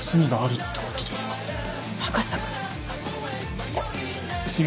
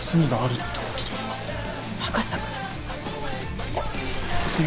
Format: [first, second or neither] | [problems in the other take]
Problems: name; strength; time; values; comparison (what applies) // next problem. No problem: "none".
first | background sound (Waves, surf); 5 dB below the speech